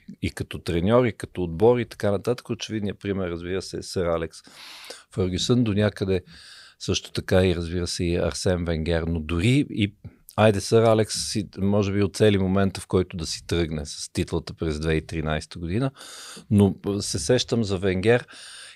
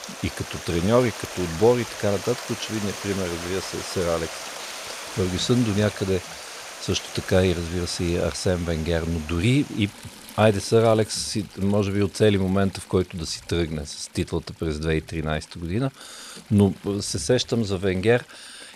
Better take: first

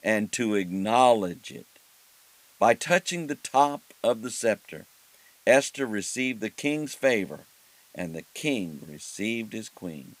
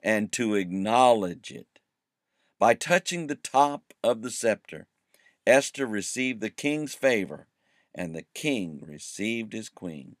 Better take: second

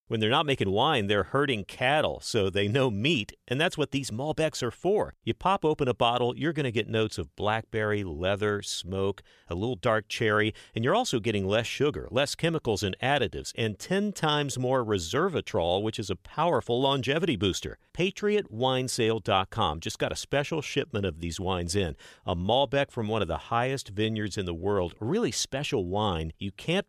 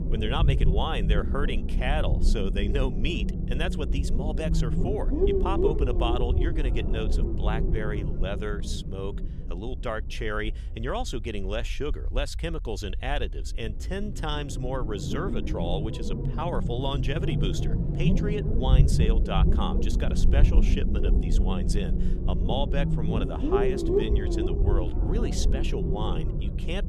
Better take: first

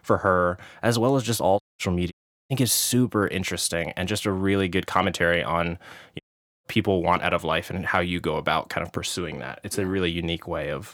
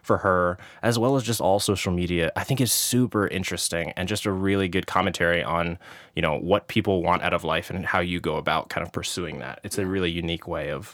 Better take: second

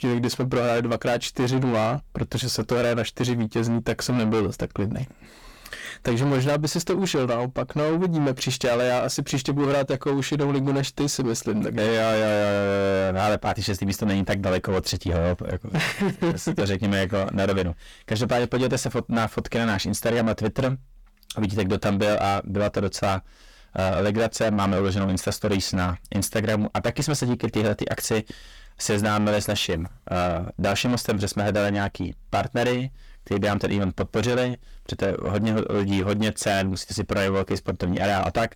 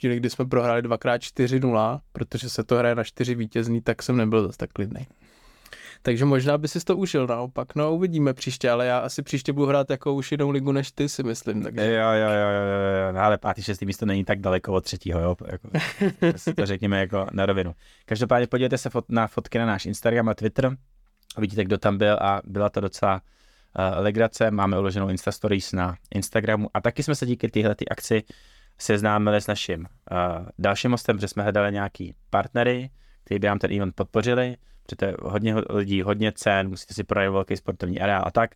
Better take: second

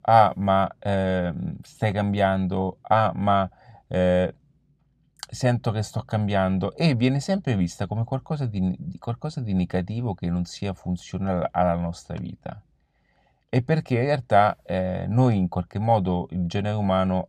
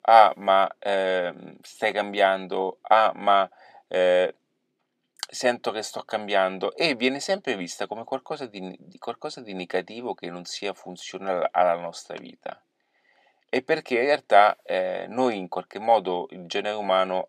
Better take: first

